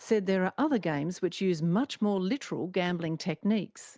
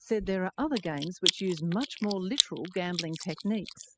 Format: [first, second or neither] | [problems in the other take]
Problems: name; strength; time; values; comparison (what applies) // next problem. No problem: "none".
first | noise reduction (classical method spectral subtraction)